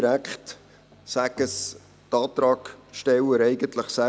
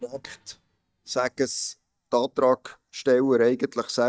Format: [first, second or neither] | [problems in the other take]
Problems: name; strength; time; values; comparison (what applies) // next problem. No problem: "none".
first | noise reduction (neural mask model DeepFilterNet 3)